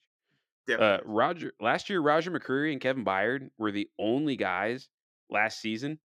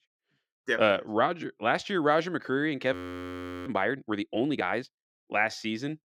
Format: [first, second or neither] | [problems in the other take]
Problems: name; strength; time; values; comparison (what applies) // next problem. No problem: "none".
first | audio freezing; at 3 s for 0.5 s